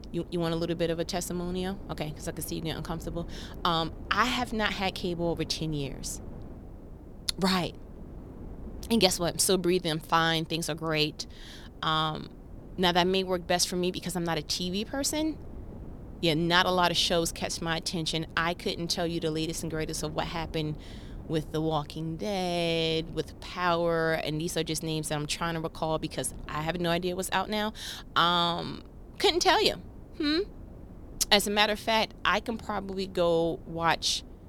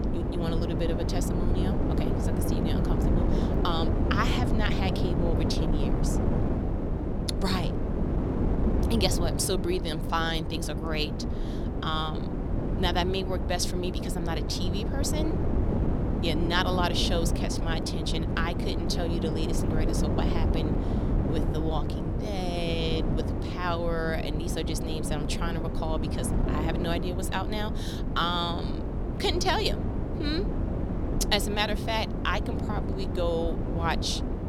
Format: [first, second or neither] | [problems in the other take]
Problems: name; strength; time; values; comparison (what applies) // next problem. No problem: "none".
first | wind noise on the microphone; heavy; 4 dB below the speech; occasional gusts in the first